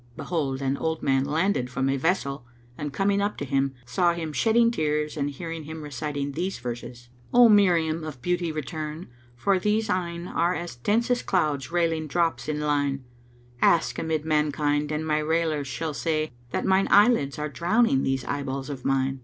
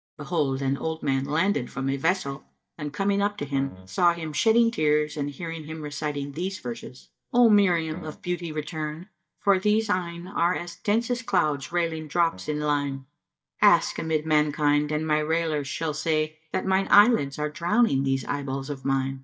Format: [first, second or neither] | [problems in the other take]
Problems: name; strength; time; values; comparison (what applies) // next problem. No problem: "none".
first | noise reduction (neural mask model DeepFilterNet 3)